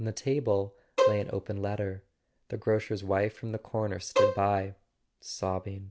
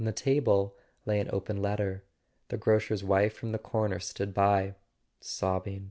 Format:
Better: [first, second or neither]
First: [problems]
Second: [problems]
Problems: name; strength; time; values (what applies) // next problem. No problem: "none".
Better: second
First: background sound (Bowed string instrument); 2 dB above the speech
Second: none